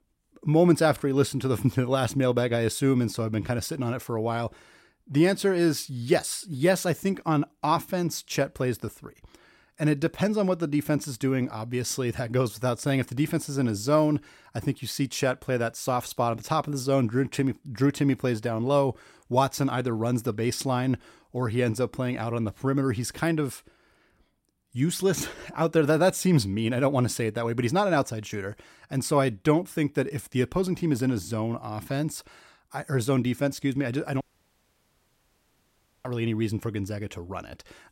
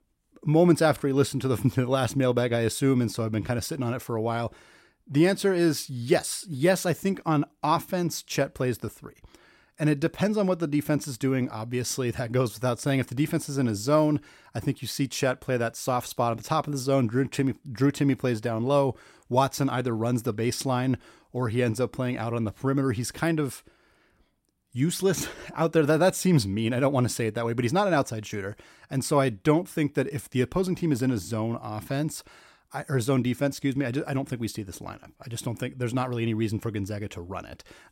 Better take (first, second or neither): second